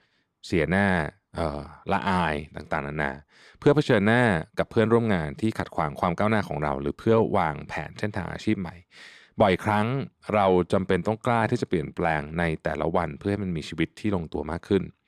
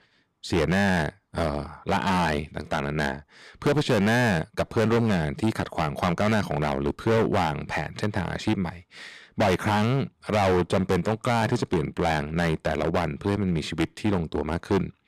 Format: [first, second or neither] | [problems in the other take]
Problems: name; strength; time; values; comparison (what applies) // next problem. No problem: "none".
first | distortion; heavy; 14% of the sound clipped